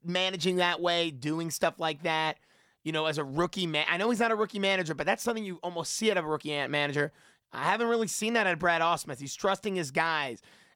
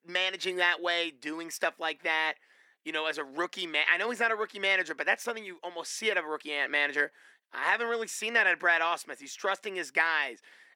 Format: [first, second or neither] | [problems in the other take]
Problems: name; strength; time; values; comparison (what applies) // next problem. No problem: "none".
first | thin; somewhat; fading below 300 Hz